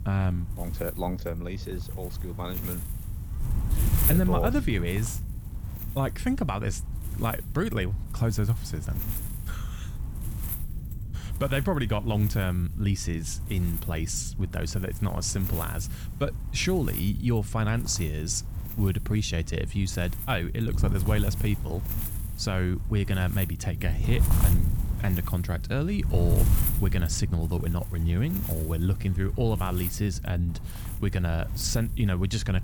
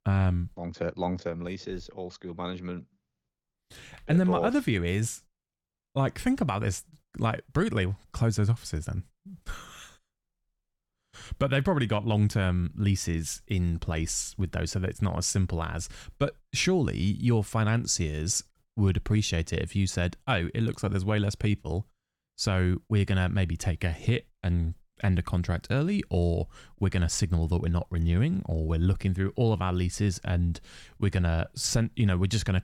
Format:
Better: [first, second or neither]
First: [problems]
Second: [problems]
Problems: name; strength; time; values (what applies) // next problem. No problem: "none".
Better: second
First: wind noise on the microphone; occasional gusts; 10 dB below the speech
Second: none